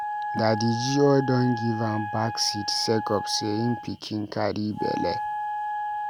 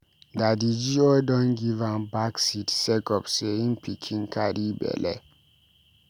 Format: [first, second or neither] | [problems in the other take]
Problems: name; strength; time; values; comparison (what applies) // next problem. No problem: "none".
second | background sound (Wind instrument, woodwind instrument); 6 dB below the speech